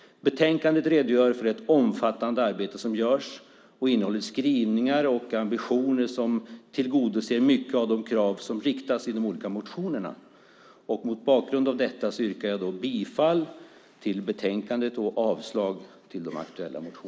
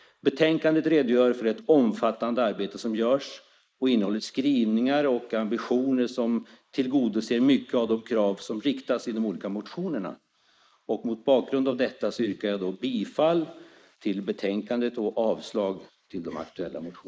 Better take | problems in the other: first | noise reduction (neural mask model Resemble Enhance denoiser)

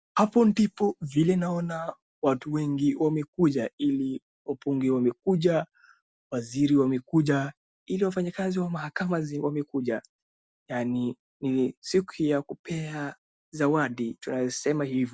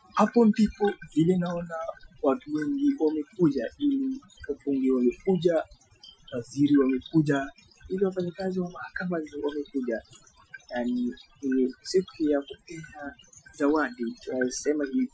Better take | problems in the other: first | noise reduction (classical method Wiener filter)

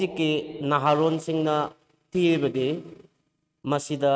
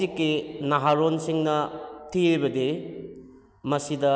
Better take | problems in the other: second | noise reduction (neural mask model RNNoise)

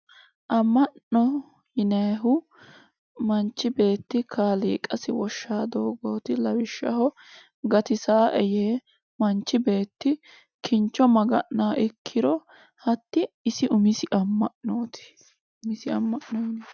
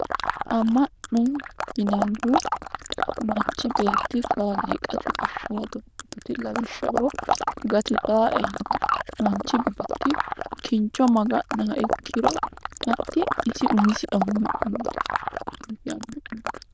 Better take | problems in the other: first | noise reduction (neural diffusion model UNIVERSE++)

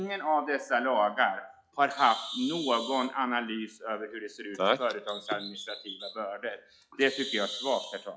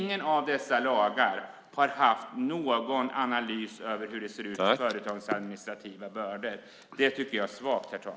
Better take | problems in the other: second | noise reduction (classical method log-MMSE)

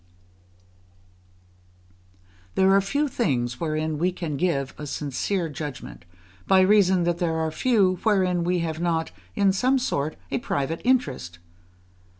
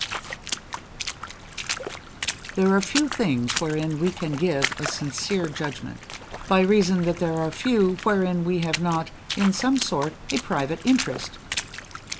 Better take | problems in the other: first | background sound (Water / Splash, splatter); 8 dB below the speech

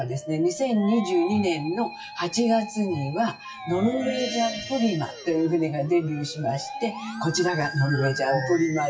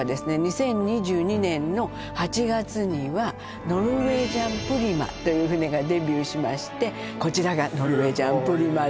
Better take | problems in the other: second | noise reduction (classical method WPE with log-MMSE)

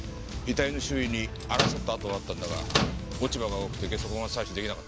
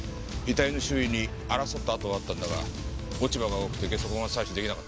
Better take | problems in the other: second | background sound (Microwave oven); 1 dB below the speech

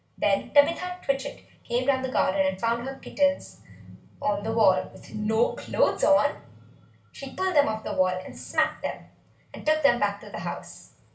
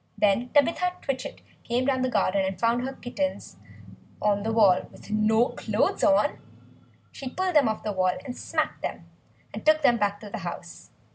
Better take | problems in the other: second | room echo; dies away in 0.4 s

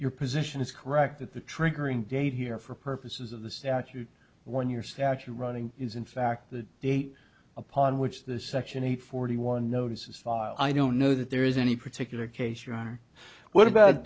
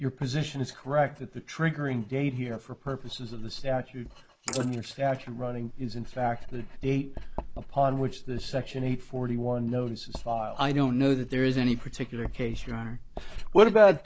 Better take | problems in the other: first | noise reduction (neural mask model Resemble Enhance denoiser)

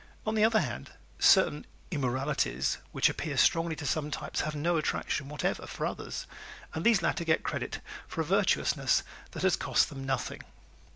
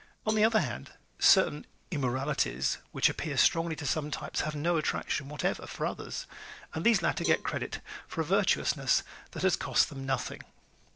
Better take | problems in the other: first | noise reduction (neural separator model SepFormer DNS4)

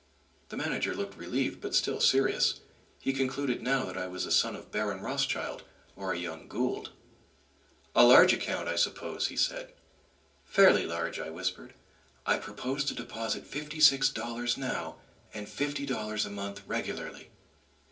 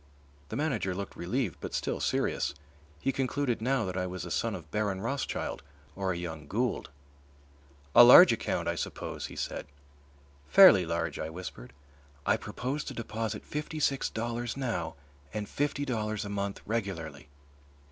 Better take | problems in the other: second | room echo; dies away in 0.3 s

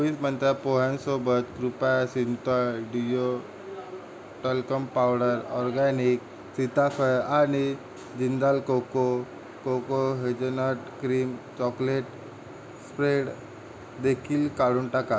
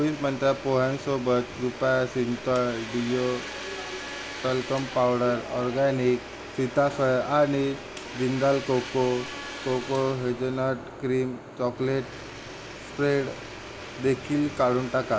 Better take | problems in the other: first | background sound (Domestic sounds, home sounds); 14 dB below the speech

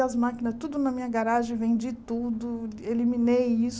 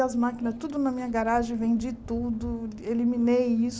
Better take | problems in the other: first | background sound (Microwave oven); 19 dB below the speech

